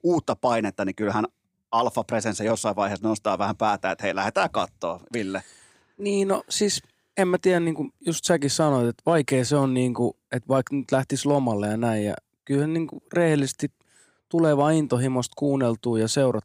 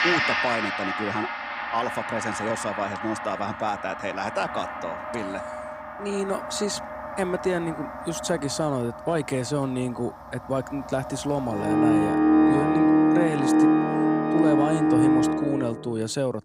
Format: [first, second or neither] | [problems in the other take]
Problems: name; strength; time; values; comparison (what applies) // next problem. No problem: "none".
first | background music; very loud; throughout; 4 dB above the speech